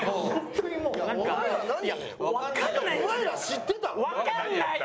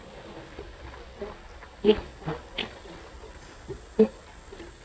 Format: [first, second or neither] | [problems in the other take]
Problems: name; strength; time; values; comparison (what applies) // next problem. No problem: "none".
first | noise reduction (neural mask model DeepFilterNet 3)